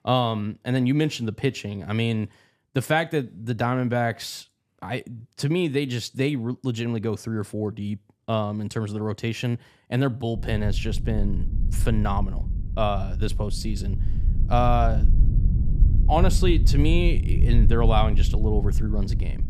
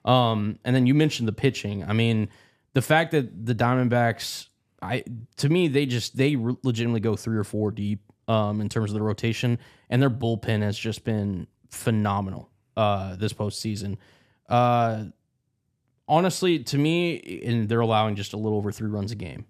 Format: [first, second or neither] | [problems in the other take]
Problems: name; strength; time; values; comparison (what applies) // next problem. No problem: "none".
second | low rumble; noticeable; from 10 s on; 15 dB below the speech